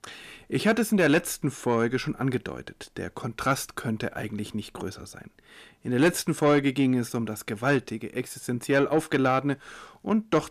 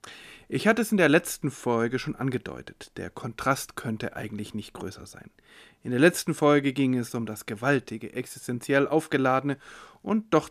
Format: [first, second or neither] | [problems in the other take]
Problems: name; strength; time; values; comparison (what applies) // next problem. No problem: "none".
second | distortion; slight; 10 dB below the speech